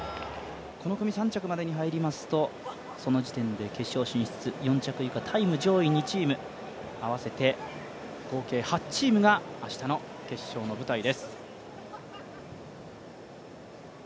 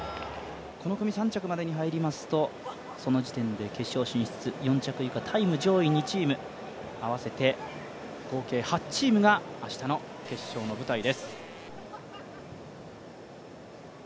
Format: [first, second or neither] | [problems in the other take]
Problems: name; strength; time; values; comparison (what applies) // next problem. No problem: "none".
first | background sound (Organ); 19 dB below the speech